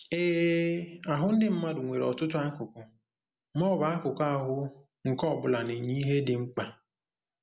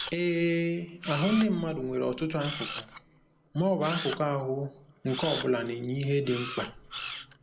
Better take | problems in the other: first | background sound (Camera); 11 dB below the speech // room echo; dies away in 1 s

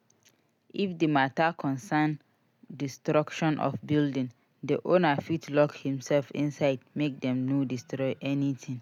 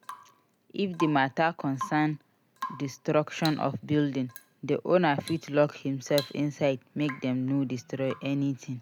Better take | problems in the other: first | background sound (Drip / Water tap, faucet / Rain); 16 dB below the speech

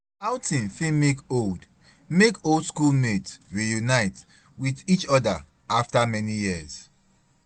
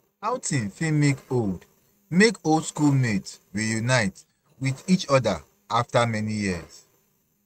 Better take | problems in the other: first | noise reduction (neural mask model RNNoise)

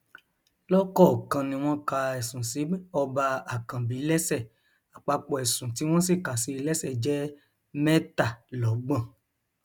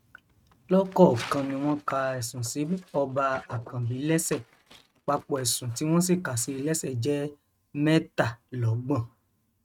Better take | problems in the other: first | noise reduction (neural mask model RNNoise)

